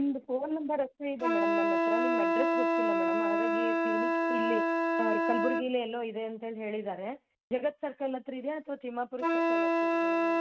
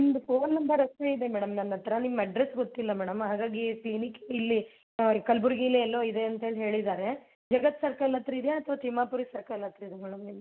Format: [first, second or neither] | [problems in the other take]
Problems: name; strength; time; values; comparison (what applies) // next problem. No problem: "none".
second | noise reduction (neural mask model RNNoise)